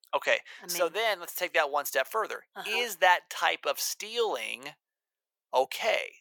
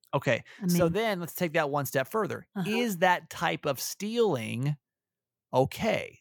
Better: second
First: thin; very; fading below 550 Hz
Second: none

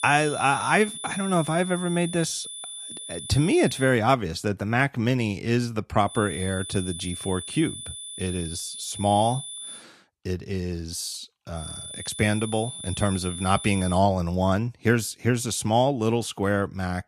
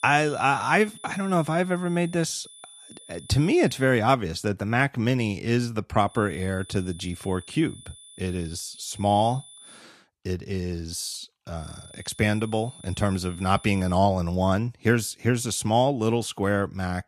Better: second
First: high-pitched whine; loud; until 4 s, from 6 to 10 s and from 12 to 14 s; 3.5 kHz, 10 dB below the speech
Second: high-pitched whine; faint; until 4 s, from 6 to 10 s and from 12 to 14 s; 3.5 kHz, 20 dB below the speech

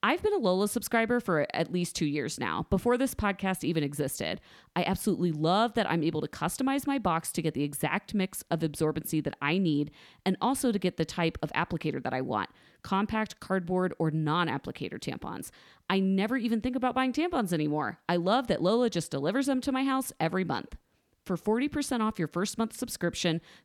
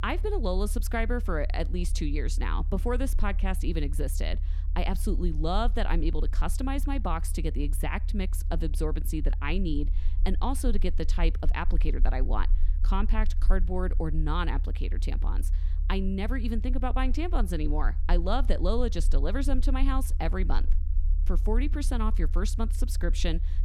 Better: first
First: none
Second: low rumble; noticeable; throughout; 20 dB below the speech

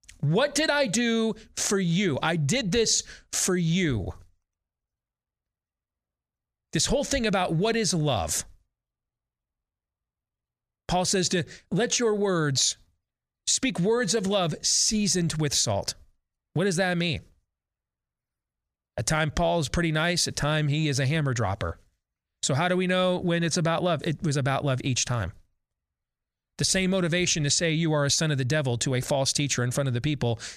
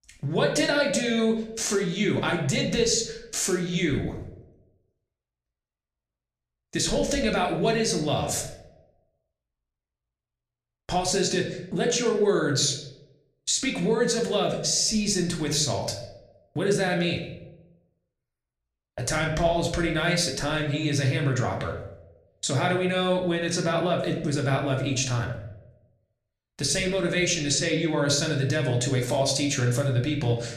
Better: first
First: none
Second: room echo; slight; dies away in 0.6 s // off-mic speech; somewhat distant

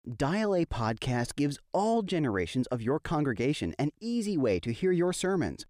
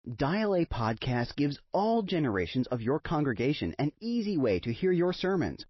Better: first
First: none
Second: garbled, watery; slightly; nothing above 5.5 kHz

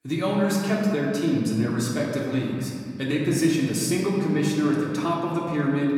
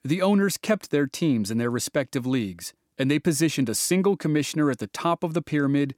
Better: second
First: room echo; noticeable; dies away in 2.2 s // off-mic speech; far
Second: none

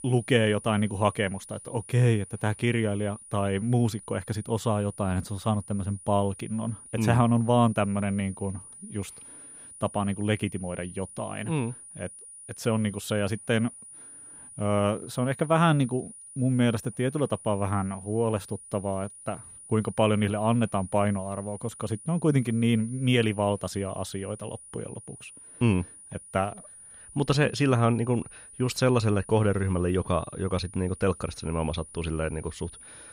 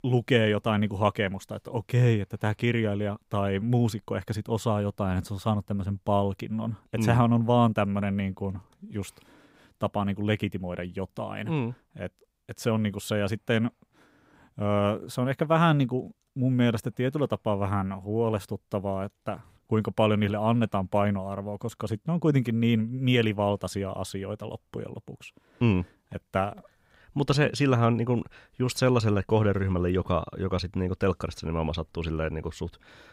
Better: second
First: high-pitched whine; noticeable; throughout; 9.5 kHz, 15 dB below the speech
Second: none

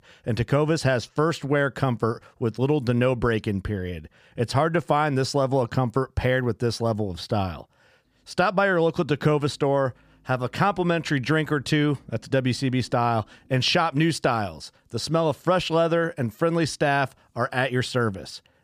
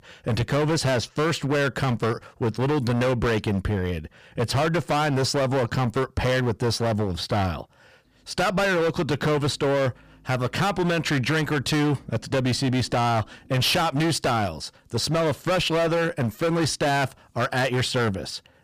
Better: first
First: none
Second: distortion; heavy; 22% of the sound clipped

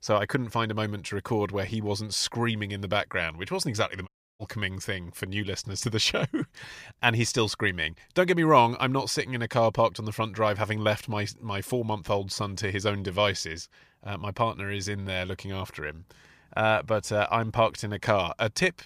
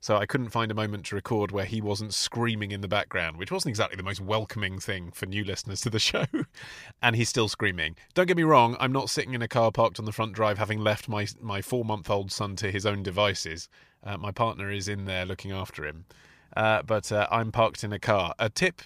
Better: second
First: audio cutting out; at 4 s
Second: none

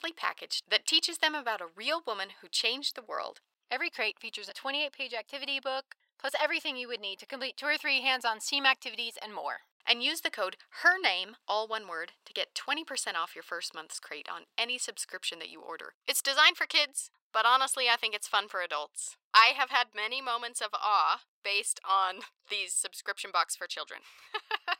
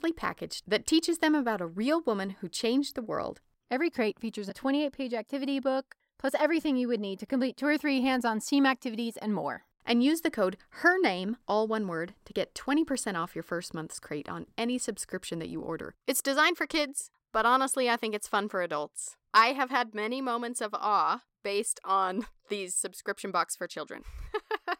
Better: second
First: thin; very; fading below 800 Hz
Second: none

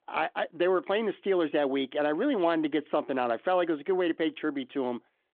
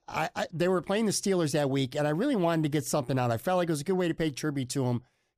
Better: second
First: phone-call audio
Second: none

